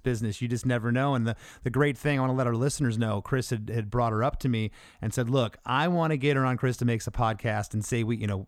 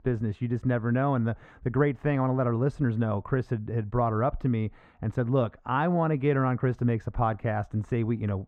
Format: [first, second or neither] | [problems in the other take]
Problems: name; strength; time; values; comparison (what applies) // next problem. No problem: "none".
first | muffled; very; fading above 3.5 kHz